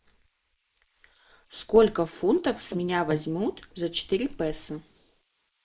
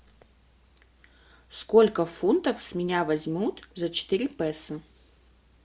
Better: second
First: noise reduction (neural mask model Resemble Enhance denoiser)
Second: none

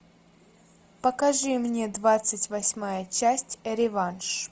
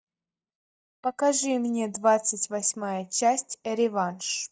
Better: first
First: none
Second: noise reduction (neural mask model DeepFilterNet 3)

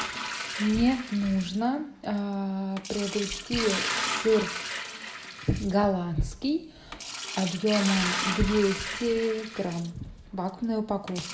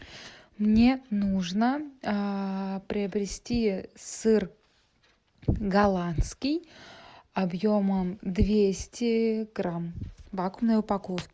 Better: second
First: background sound (Liquid); 7 dB below the speech // room echo; dies away in 0.9 s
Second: none

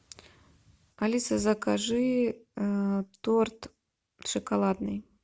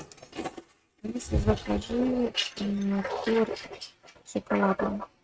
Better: first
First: none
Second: noise reduction (neural mask model RNNoise)

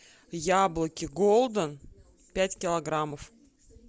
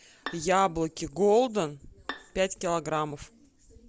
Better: first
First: none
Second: background sound (Bowed string instrument); 19 dB below the speech

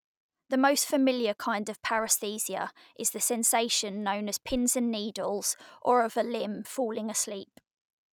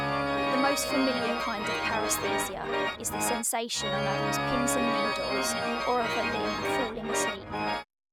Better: first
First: none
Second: background sound (Organ); 3 dB above the speech

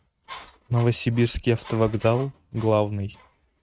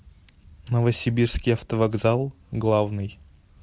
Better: second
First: noise reduction (neural mask model RNNoise)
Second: none

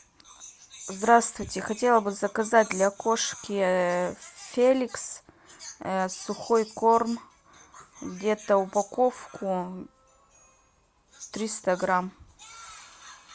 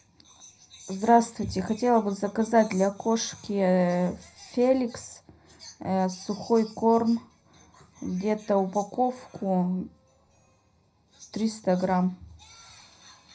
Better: first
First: none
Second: room echo; dies away in 0.4 s

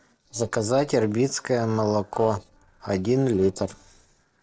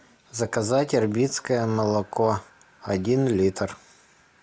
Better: second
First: noise reduction (neural separator model SepFormer DNS4)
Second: none

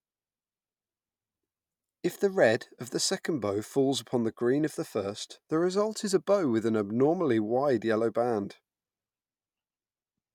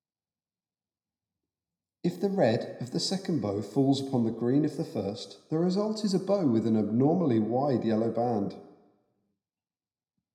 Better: first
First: none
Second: room echo; dies away in 0.7 s

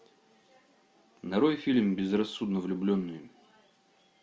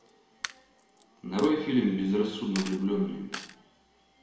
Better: first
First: none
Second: background sound (Coin (dropping)); 16 dB below the speech // room echo; dies away in 1 s

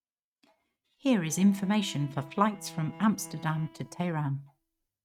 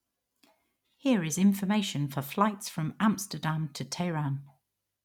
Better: second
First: noise reduction (neural mask model RNNoise)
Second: none

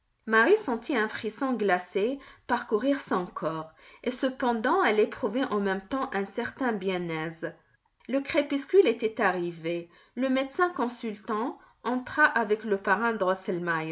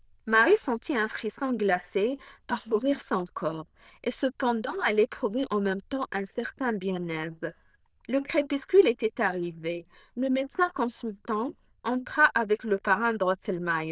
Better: first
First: none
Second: noise reduction (neural diffusion model UNIVERSE++)

